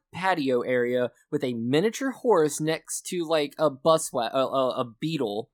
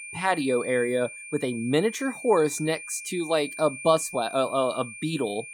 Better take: first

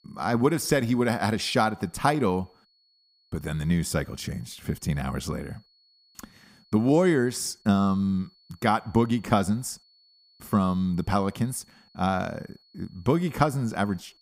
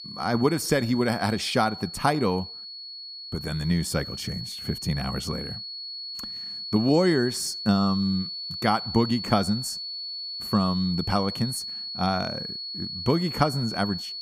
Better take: first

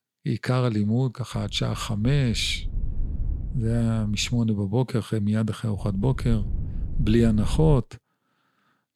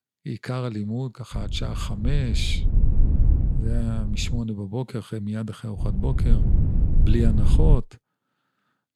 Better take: first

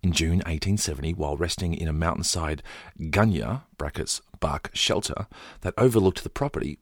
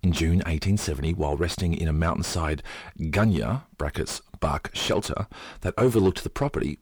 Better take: first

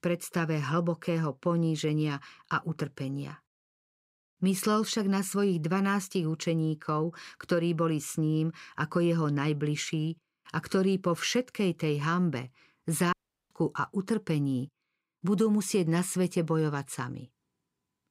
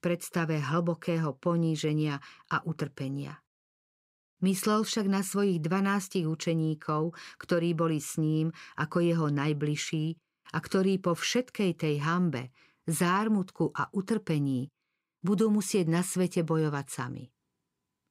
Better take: second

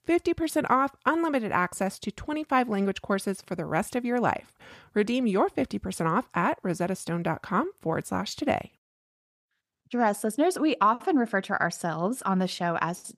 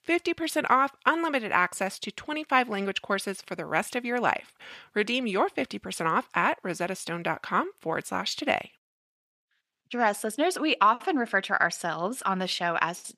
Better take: first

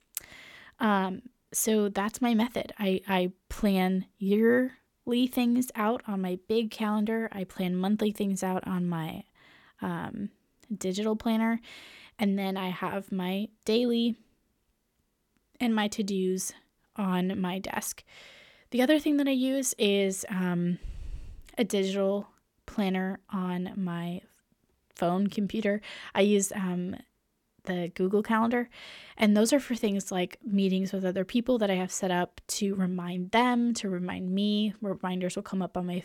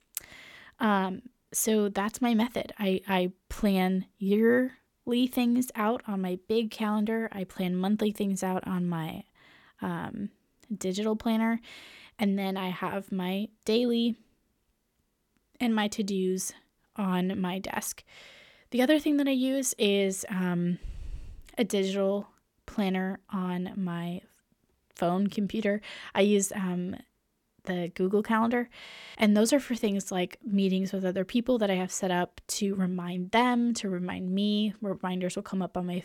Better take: first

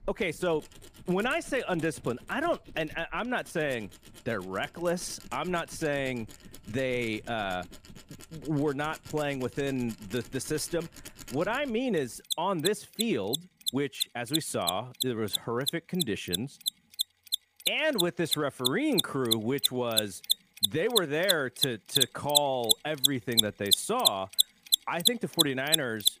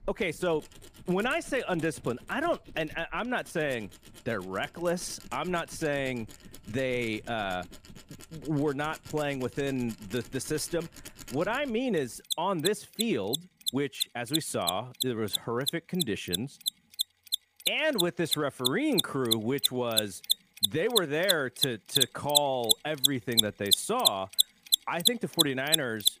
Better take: neither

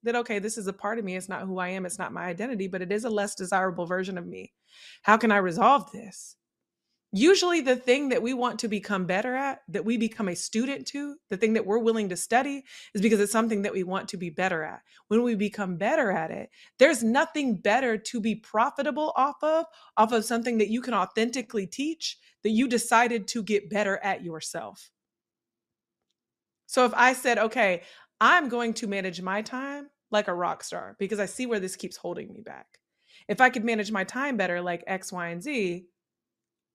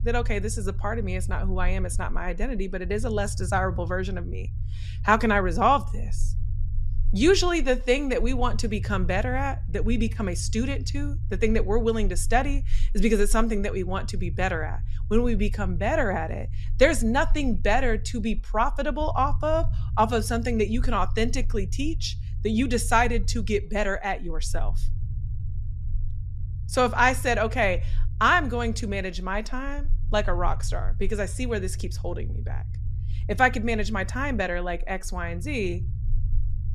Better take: first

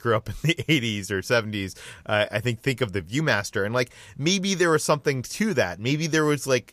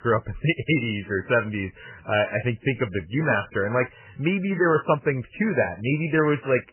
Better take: first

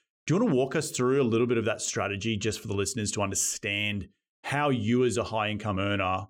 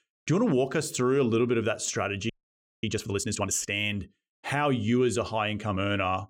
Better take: first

